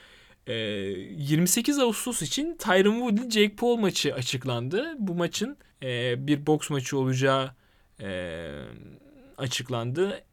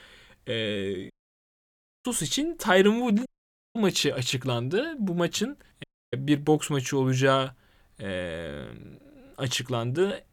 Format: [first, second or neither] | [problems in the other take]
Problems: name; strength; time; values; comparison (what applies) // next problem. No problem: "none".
first | audio cutting out; at 1 s for 1 s, at 3.5 s and at 6 s